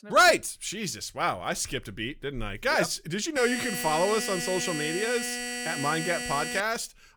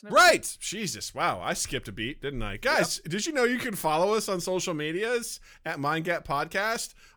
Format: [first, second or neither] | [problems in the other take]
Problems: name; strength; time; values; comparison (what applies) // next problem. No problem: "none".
second | alarm; noticeable; from 3.5 to 6.5 s; peak 4 dB below the speech